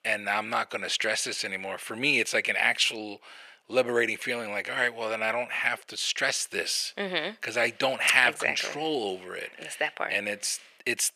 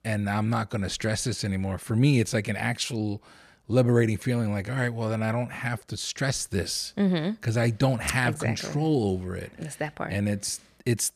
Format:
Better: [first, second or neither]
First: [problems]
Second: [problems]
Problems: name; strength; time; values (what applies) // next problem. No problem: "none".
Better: second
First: thin; very; fading below 550 Hz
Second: none